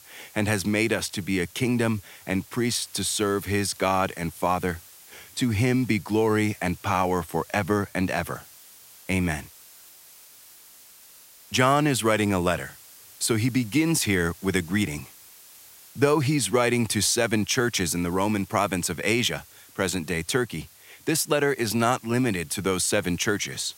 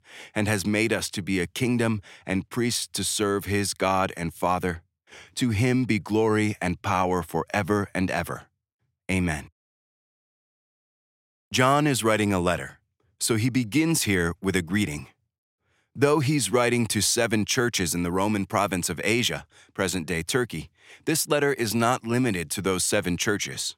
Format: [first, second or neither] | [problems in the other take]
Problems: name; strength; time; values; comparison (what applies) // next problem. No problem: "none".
second | hiss; faint; throughout; 20 dB below the speech